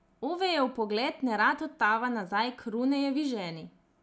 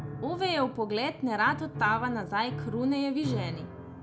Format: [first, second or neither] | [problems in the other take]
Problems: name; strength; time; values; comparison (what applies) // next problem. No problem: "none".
first | background sound (Piano); 9 dB below the speech